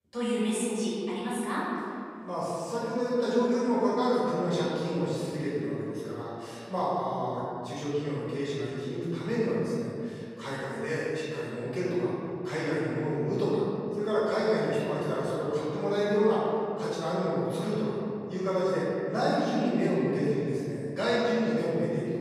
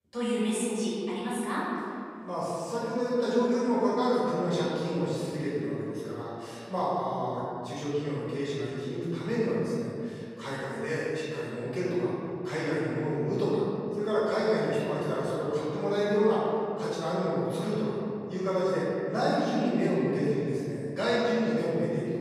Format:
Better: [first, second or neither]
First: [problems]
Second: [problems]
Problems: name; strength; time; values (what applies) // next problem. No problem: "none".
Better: neither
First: off-mic speech; far // room echo; strong; dies away in 2.3 s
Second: off-mic speech; far // room echo; strong; dies away in 2.3 s